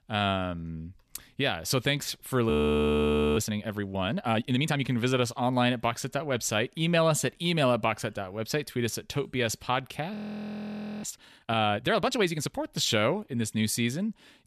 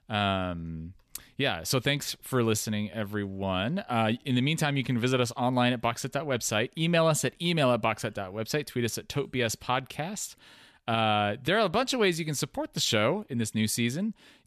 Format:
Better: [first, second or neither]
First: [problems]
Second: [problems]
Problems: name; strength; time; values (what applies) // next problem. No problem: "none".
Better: second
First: audio freezing; at 2.5 s for 1 s and at 10 s for 1 s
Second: none